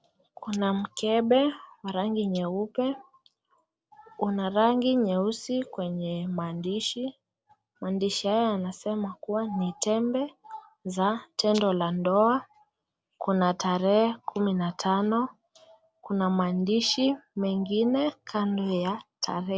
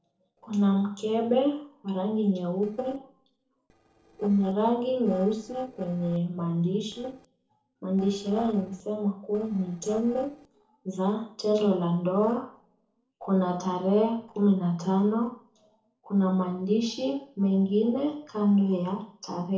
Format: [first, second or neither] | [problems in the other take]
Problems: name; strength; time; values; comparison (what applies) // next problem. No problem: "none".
first | noise reduction (neural separator model SepFormer DNS4)